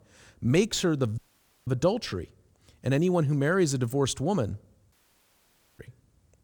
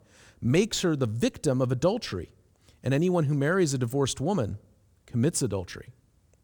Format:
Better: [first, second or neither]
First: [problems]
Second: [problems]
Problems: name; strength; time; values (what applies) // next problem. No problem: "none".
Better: second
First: audio cutting out; at 1 s and at 5 s for 1 s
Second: none